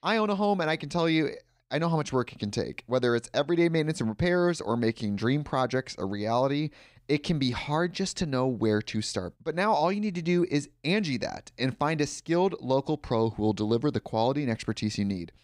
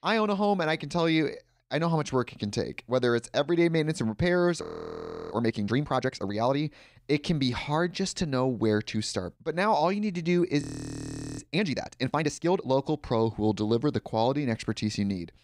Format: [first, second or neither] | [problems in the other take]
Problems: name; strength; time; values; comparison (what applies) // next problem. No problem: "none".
first | audio freezing; at 4.5 s for 0.5 s and at 11 s for 1 s